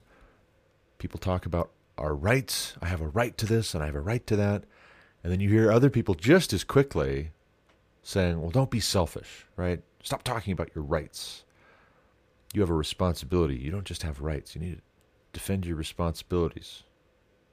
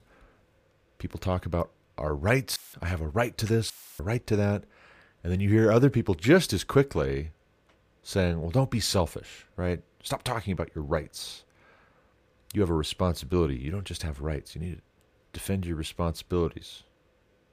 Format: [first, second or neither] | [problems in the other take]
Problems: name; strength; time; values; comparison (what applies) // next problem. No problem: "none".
first | audio cutting out; filled with static; at 2.5 s and at 3.5 s